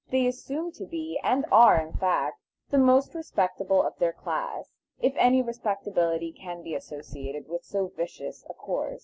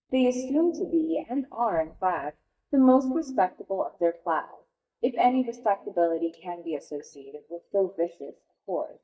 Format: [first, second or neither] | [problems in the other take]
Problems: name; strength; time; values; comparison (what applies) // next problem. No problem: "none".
first | noise reduction (neural mask model DeepFilterNet 3)